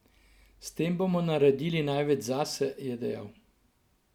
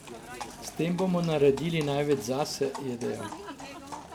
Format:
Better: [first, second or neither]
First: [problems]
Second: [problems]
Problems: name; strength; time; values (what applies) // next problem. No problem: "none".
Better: first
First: none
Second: background sound (Livestock, farm animals, working animals); 13 dB below the speech